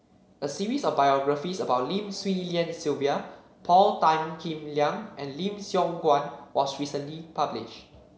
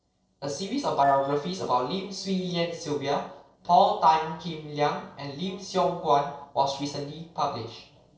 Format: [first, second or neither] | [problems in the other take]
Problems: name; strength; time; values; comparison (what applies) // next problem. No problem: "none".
first | noise reduction (neural separator model SepFormer DNS4)